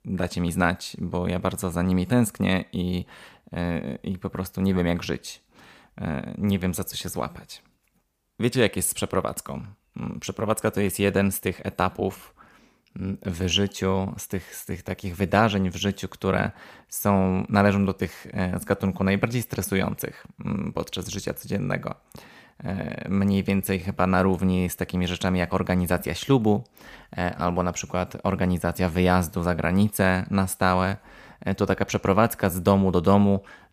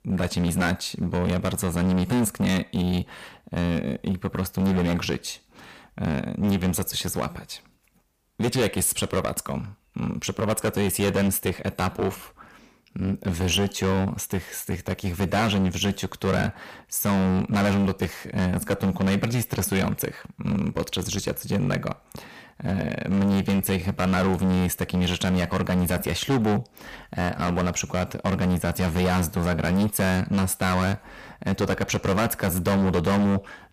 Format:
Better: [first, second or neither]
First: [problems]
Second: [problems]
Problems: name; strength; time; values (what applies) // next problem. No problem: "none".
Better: first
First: none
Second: distortion; heavy; 14% of the sound clipped